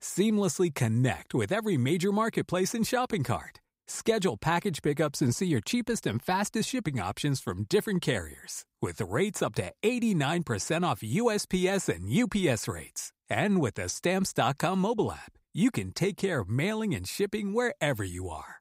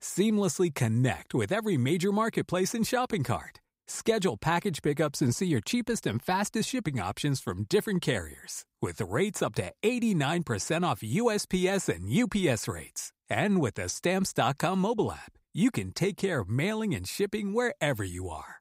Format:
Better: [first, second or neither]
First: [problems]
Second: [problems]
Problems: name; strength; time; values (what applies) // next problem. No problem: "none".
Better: neither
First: none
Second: none